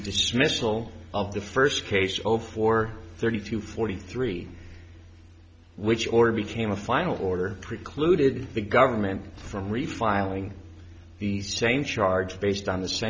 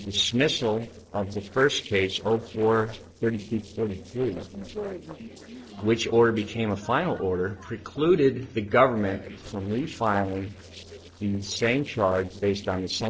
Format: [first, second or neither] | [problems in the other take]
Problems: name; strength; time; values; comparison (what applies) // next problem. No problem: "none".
first | noise reduction (neural separator model SepFormer DNS4)